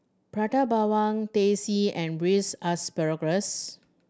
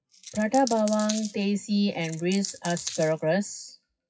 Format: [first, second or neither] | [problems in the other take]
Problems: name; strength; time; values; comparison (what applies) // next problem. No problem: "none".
first | noise reduction (classical method WPE with log-MMSE)